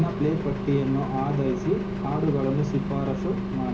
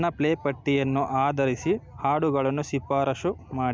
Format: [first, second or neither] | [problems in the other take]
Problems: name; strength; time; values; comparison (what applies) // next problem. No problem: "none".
second | background sound (Engine); 4 dB below the speech // room echo; dies away in 0.5 s